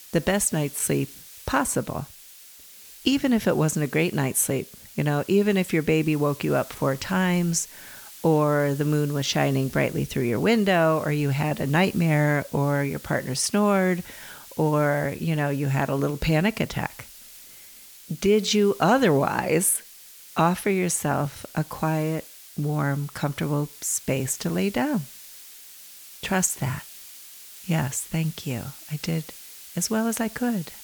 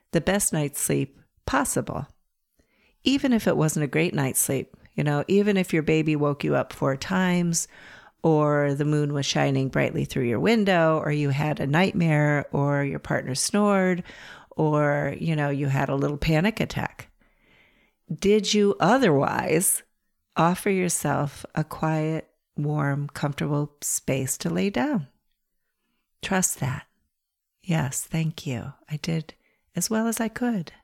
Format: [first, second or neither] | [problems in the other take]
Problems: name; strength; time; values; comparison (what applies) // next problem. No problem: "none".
second | hiss; noticeable; throughout; 20 dB below the speech